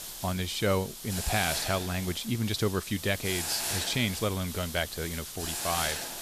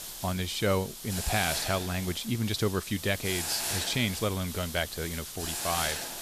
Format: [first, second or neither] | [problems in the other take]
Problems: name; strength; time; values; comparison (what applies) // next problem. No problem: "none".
neither | hiss; loud; throughout; 4 dB below the speech; the same in both